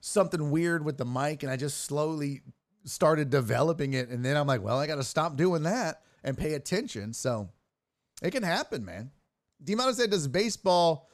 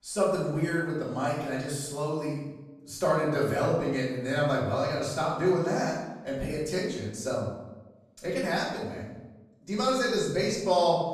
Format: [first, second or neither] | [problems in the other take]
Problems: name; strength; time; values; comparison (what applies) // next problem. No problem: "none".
first | off-mic speech; far // room echo; noticeable; dies away in 0.8 s